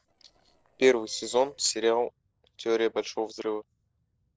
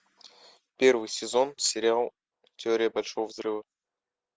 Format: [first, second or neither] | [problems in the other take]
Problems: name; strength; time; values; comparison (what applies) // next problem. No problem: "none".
second | noise reduction (neural separator model SepFormer DNS4)